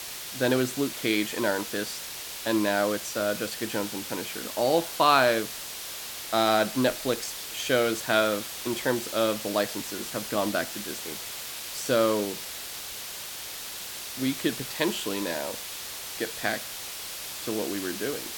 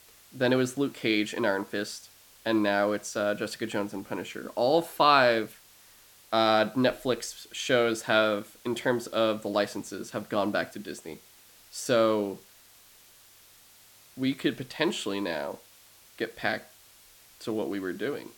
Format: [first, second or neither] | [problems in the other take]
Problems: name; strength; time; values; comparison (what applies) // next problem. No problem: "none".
second | hiss; loud; throughout; 7 dB below the speech; faint in the second